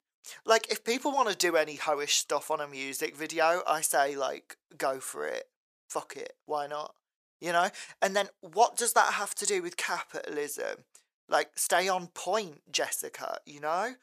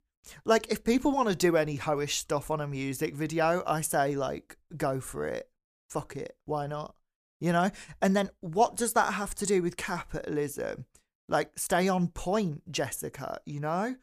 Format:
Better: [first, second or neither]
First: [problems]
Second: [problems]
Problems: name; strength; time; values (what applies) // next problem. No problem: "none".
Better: second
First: thin; somewhat; fading below 500 Hz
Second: none